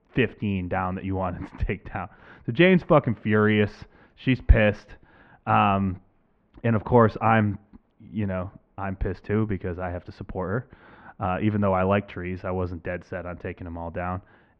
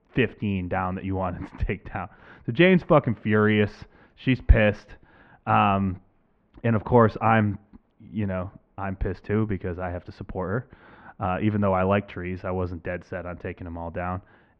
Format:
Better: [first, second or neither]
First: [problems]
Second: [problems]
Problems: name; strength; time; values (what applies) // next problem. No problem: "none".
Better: neither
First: muffled; very; fading above 2.5 kHz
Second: muffled; very; fading above 2.5 kHz